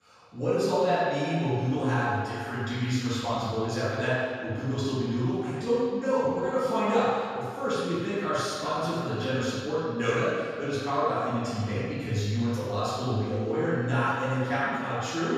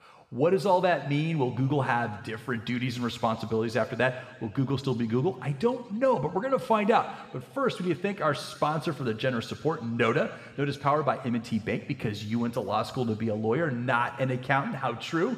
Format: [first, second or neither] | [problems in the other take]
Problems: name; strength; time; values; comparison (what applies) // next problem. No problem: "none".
second | room echo; strong; dies away in 1.8 s; slight in the second // off-mic speech; far